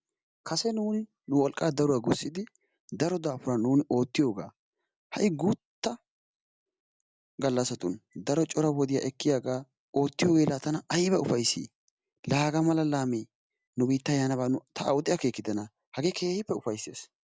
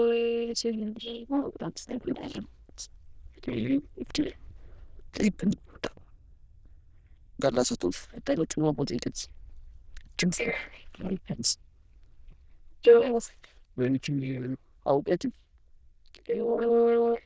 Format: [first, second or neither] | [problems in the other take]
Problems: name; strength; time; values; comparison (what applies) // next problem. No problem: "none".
first | noise reduction (neural diffusion model UNIVERSE++)